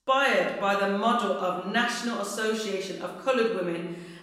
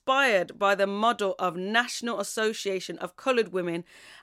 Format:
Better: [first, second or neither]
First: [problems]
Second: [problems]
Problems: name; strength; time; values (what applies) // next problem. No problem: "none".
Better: second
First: room echo; noticeable; dies away in 0.9 s // off-mic speech; far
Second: none